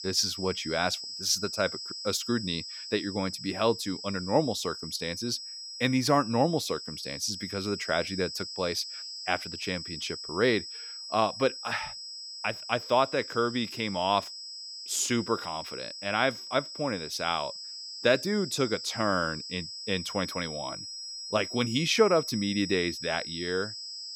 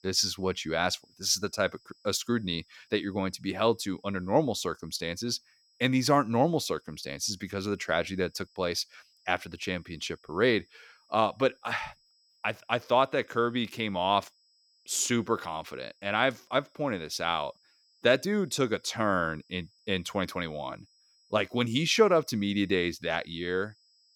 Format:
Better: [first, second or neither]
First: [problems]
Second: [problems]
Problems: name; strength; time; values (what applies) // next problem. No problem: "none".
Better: second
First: high-pitched whine; loud; throughout; 5 kHz, 8 dB below the speech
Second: high-pitched whine; faint; throughout; 5 kHz, 35 dB below the speech